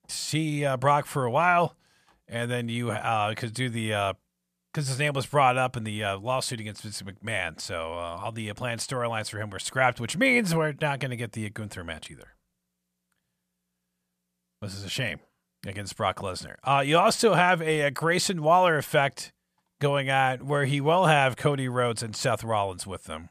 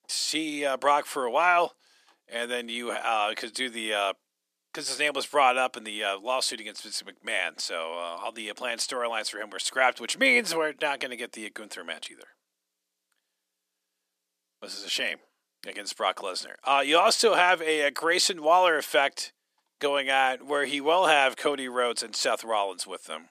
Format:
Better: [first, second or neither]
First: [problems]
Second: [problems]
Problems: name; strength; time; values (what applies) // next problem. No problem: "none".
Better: first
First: none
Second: thin; somewhat; fading below 250 Hz